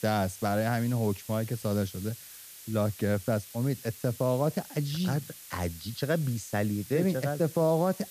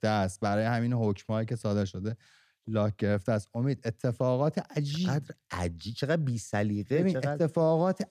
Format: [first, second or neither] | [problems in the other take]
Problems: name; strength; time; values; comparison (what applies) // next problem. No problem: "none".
second | hiss; noticeable; throughout; 15 dB below the speech